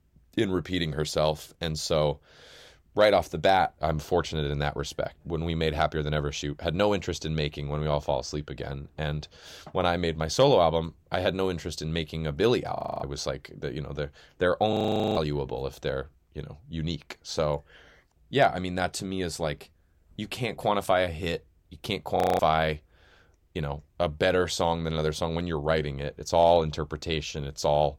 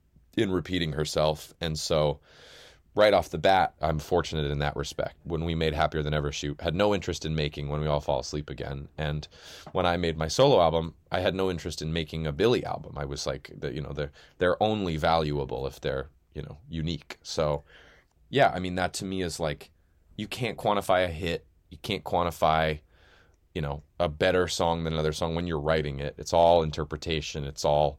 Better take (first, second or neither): second